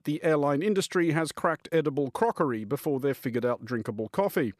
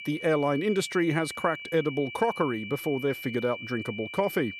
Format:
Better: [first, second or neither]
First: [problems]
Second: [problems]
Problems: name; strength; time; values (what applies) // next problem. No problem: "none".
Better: first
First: none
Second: high-pitched whine; loud; throughout; 2.5 kHz, 10 dB below the speech